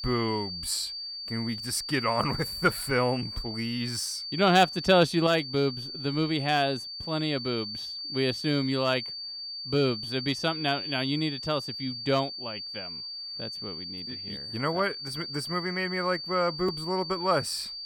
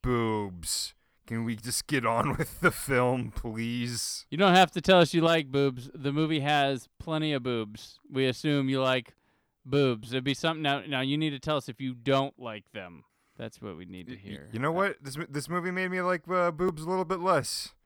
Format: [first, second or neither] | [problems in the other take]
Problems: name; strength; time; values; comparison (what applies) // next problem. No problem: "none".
second | high-pitched whine; loud; throughout; 4.5 kHz, 7 dB below the speech